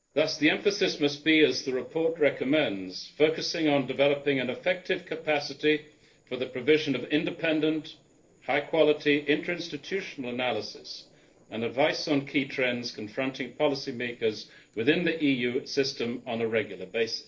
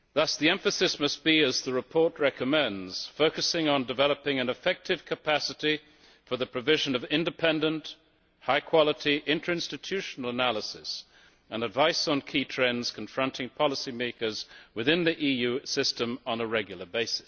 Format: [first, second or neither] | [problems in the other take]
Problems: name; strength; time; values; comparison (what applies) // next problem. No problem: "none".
second | noise reduction (neural separator model SepFormer DNS4)